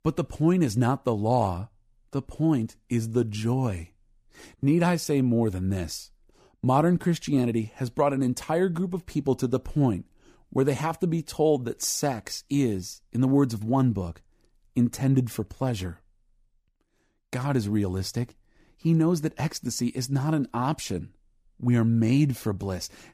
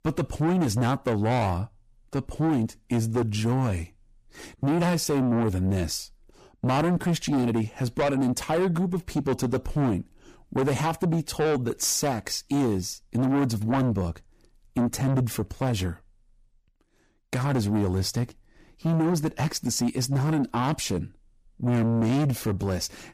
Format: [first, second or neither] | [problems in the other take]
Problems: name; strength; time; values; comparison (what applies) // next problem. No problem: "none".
first | distortion; heavy; 7 dB below the speech